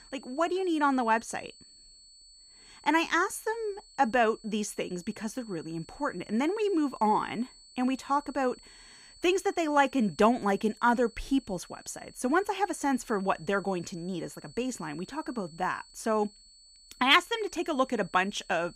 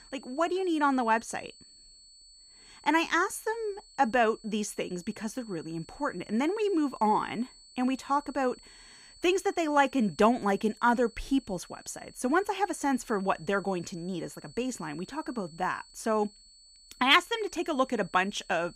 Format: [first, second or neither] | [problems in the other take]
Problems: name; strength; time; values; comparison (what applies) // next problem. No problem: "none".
neither | high-pitched whine; faint; throughout; 4.5 kHz, 25 dB below the speech; the same in both